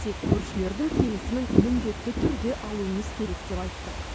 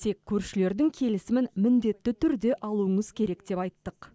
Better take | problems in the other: second | background sound (Fireworks / Ocean); 1 dB above the speech

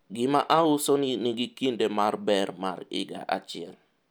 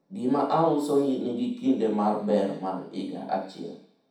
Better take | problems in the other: first | room echo; dies away in 0.7 s

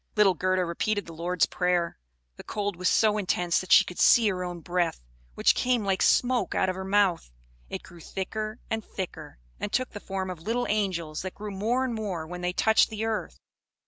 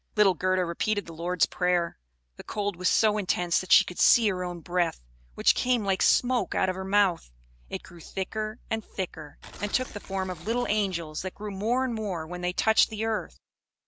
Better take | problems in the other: first | background sound (Tearing); 17 dB below the speech

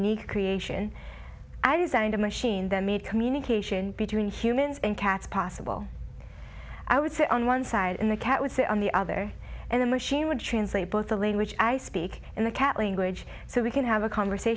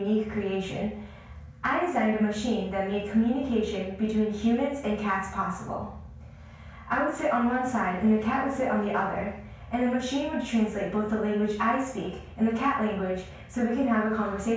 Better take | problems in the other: first | room echo; dies away in 0.5 s

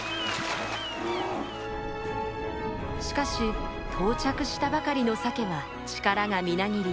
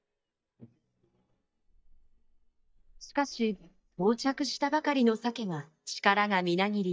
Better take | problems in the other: first | noise reduction (neural mask model DeepFilterNet 3)

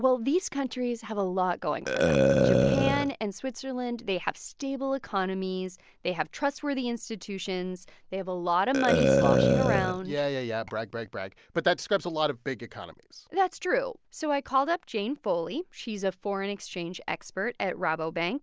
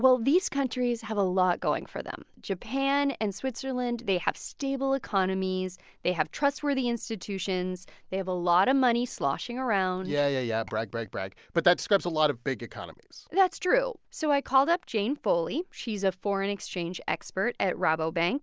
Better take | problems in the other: second | background sound (Burping, eructation); 3 dB above the speech

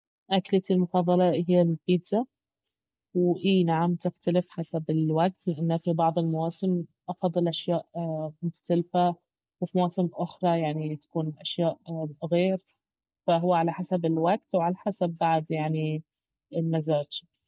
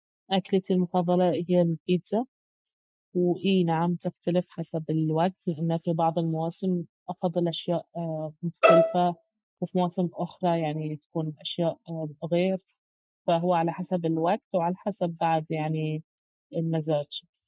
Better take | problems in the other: first | noise reduction (classical method Wiener filter)

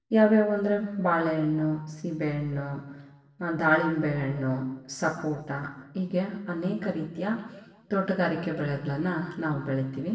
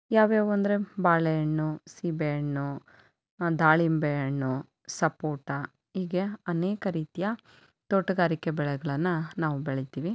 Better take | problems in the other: second | room echo; dies away in 1 s

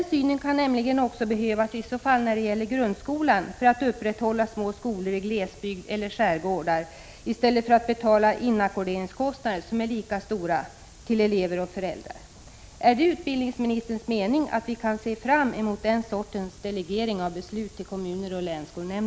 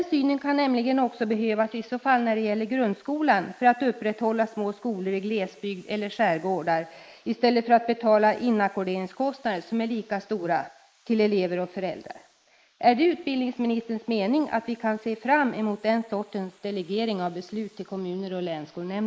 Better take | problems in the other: first | noise reduction (neural mask model Resemble Enhance denoiser)

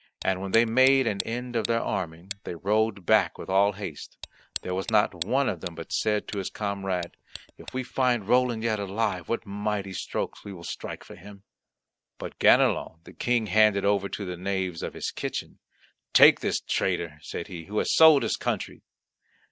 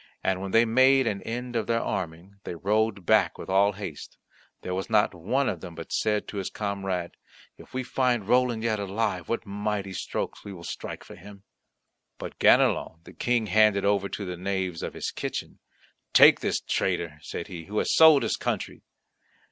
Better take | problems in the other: second | noise reduction (neural mask model DeepFilterNet 3)

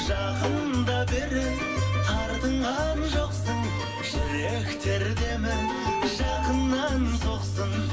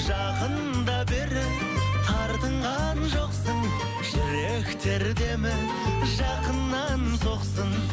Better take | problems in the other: second | background sound (Snare drum); 14 dB below the speech // room echo; dies away in 0.2 s

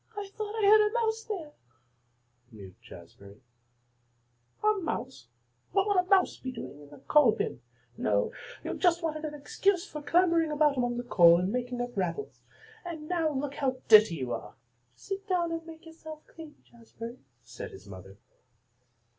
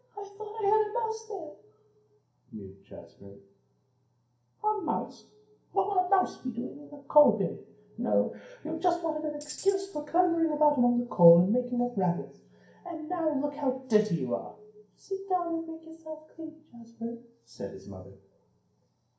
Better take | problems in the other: first | background sound (Tambourine); 18 dB below the speech // room echo; dies away in 0.5 s

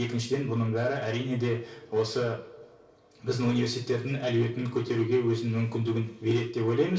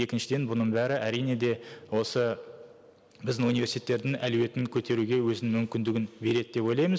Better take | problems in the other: second | room echo; dies away in 0.3 s

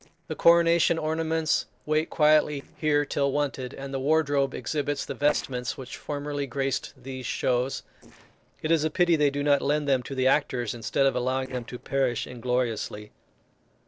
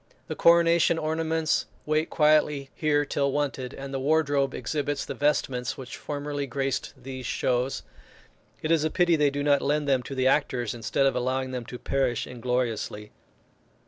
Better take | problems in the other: second | noise reduction (neural separator model SepFormer DNS4)

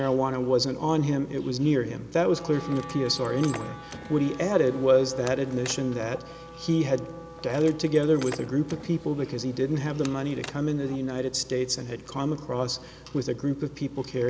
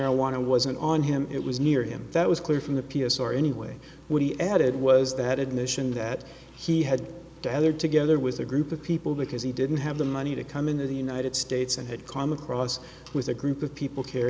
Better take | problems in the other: second | background sound (Wind instrument, woodwind instrument + Car); 18 dB below the speech

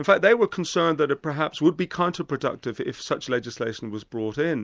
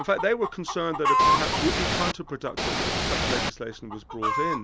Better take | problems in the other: first | background sound (Chicken, rooster + Ocean / Boat, Water vehicle); 3 dB above the speech

